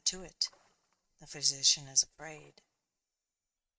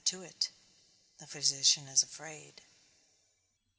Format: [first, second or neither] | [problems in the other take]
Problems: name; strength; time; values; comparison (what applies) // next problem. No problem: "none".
second | noise reduction (neural mask model RNNoise)